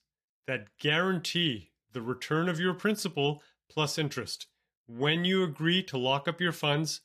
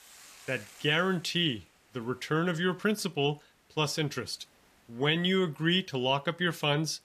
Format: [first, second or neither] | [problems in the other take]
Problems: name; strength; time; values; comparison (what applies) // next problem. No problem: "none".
first | hiss; faint; throughout; 30 dB below the speech